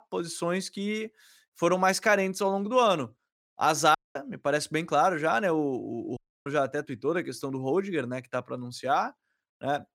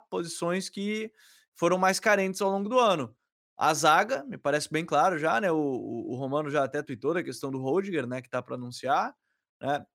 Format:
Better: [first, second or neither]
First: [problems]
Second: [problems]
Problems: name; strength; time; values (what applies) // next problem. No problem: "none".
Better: second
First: audio cutting out; at 4 s and at 6 s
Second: none